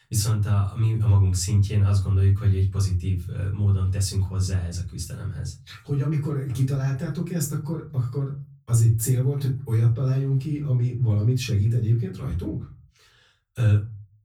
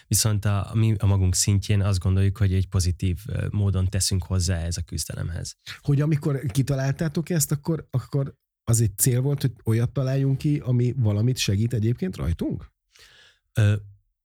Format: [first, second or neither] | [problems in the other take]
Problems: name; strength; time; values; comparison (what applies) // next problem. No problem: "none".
second | off-mic speech; far // room echo; very slight; dies away in 0.3 s